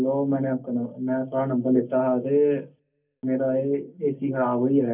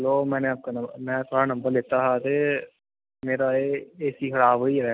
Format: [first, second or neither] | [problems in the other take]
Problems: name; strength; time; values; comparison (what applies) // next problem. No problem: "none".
second | room echo; dies away in 0.3 s